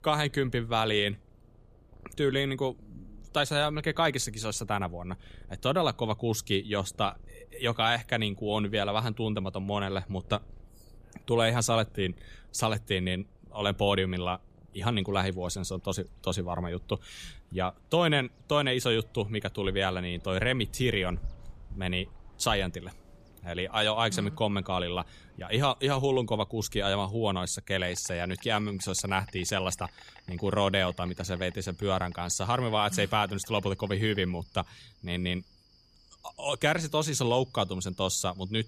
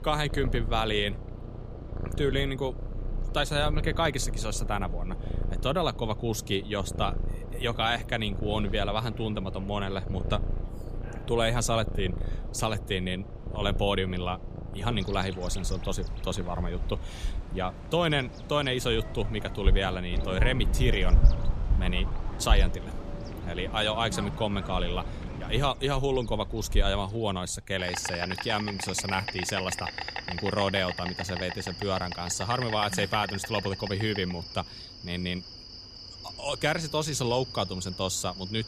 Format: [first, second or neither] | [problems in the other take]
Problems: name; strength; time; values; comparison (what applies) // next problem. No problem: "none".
first | animal sounds; loud; throughout; 5 dB below the speech; faint in the first